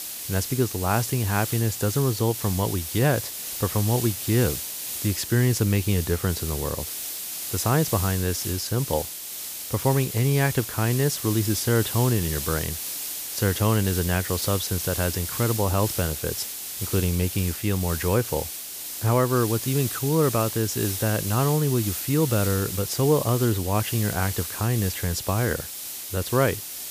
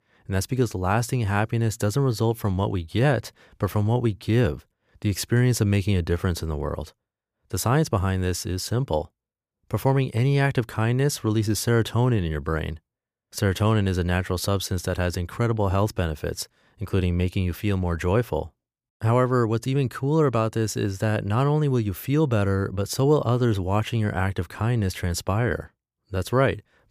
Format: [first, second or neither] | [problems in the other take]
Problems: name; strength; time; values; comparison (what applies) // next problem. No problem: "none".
second | hiss; loud; throughout; 5 dB below the speech